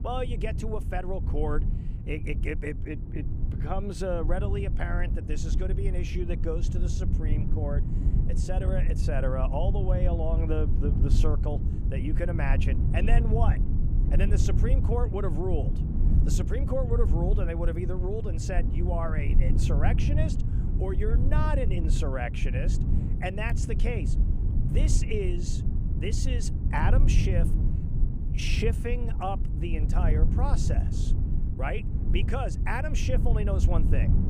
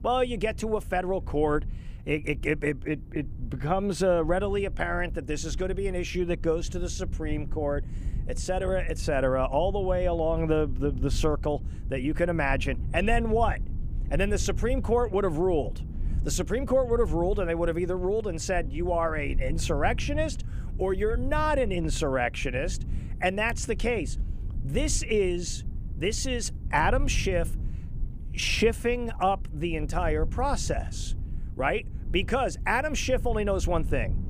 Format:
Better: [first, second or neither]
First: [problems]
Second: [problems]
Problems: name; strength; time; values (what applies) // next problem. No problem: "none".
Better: second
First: low rumble; loud; throughout; 7 dB below the speech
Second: low rumble; faint; throughout; 20 dB below the speech